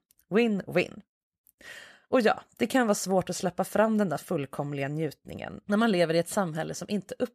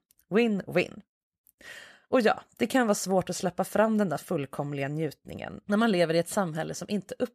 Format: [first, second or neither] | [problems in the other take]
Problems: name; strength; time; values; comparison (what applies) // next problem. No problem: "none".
neither | none